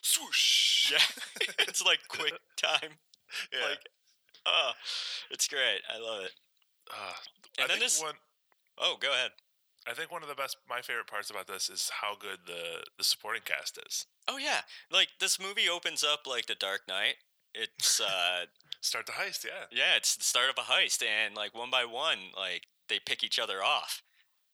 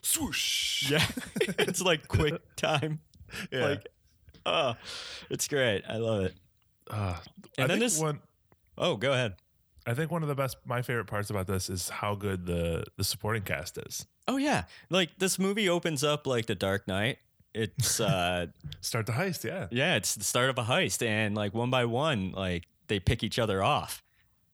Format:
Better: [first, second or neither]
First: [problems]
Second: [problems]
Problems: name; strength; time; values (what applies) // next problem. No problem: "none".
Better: second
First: thin; very; fading below 650 Hz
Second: none